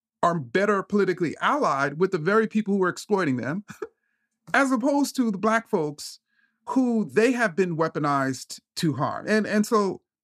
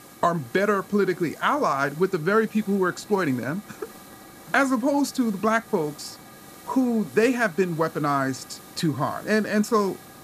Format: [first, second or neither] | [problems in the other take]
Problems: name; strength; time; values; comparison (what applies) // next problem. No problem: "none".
first | hiss; faint; throughout; 20 dB below the speech